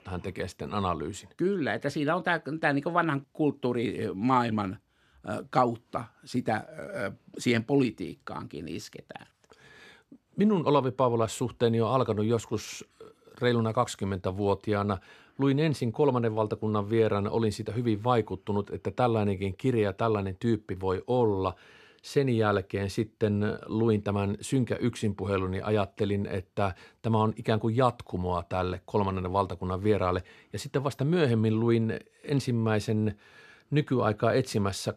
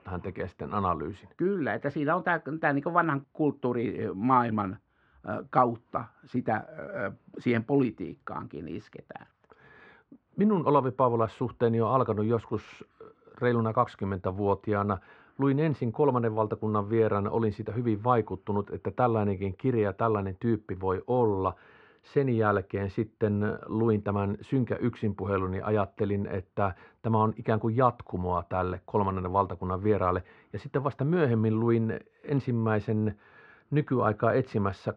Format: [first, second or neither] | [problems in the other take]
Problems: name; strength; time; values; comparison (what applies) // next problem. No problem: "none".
first | muffled; very; fading above 2 kHz